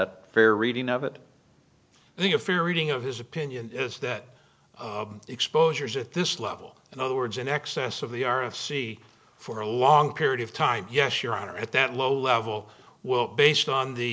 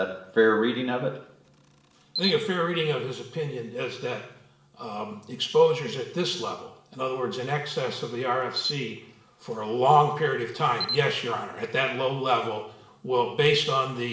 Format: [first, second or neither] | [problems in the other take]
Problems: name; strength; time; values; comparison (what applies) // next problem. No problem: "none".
first | background sound (Camera); 11 dB below the speech // room echo; dies away in 0.7 s